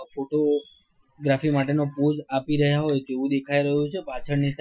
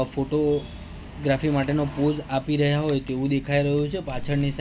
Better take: second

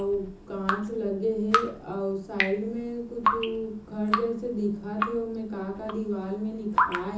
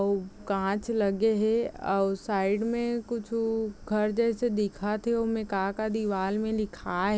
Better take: second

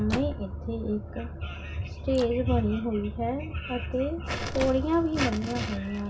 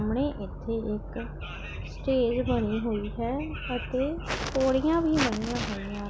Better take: second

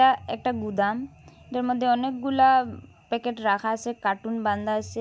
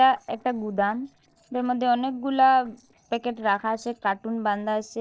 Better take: first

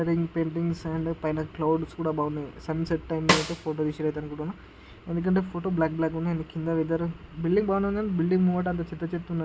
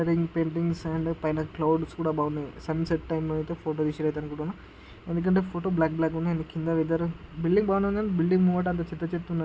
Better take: second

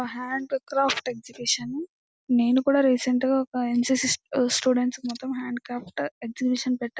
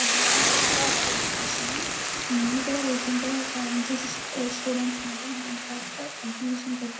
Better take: first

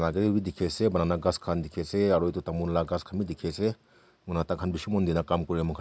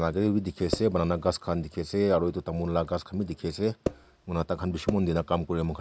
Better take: first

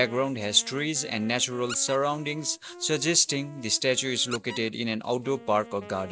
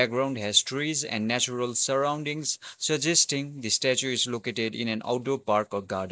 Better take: second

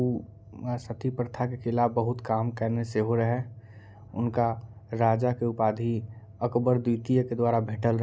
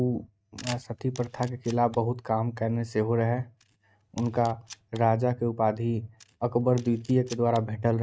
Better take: first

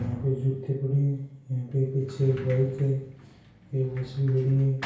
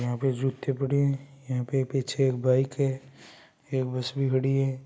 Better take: second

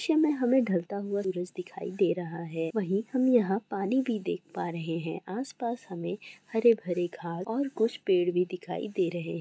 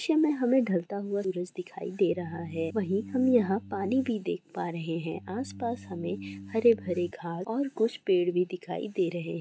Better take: first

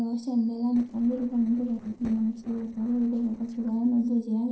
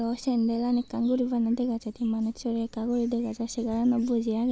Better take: second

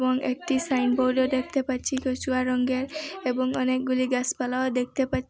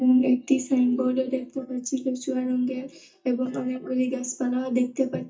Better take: first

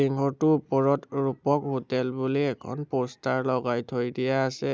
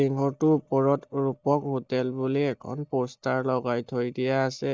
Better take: first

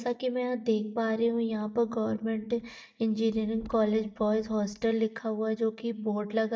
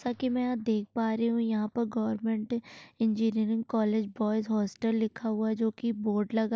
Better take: second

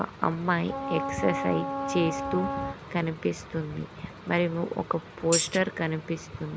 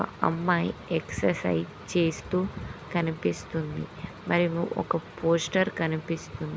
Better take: second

